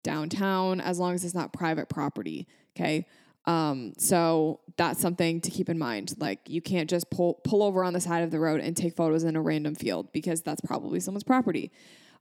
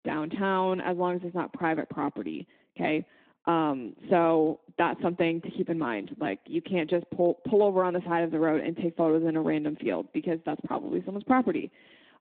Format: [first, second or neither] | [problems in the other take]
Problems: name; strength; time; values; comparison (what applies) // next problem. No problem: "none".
first | phone-call audio; nothing above 3.5 kHz